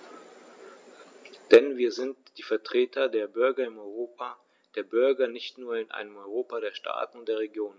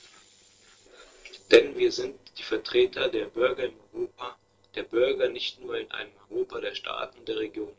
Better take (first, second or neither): first